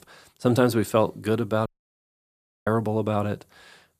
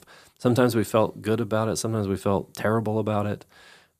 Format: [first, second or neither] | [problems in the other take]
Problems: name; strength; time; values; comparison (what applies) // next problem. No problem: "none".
second | audio cutting out; at 1.5 s for 1 s